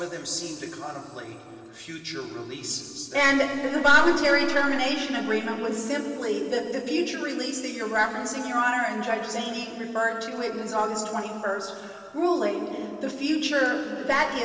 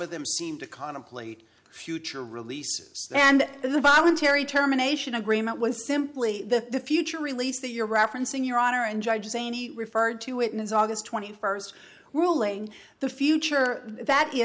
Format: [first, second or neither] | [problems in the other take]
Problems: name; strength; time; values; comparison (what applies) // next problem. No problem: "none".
second | room echo; dies away in 2.6 s